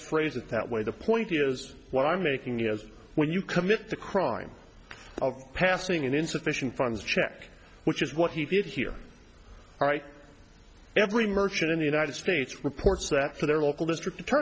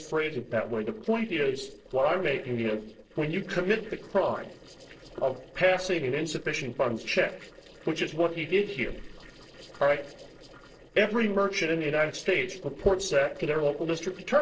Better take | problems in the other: first | noise reduction (neural separator model SepFormer DNS4)

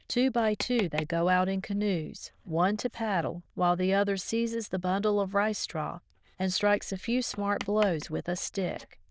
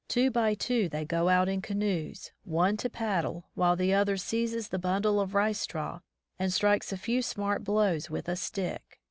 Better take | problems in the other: second | noise reduction (neural diffusion model UNIVERSE++)

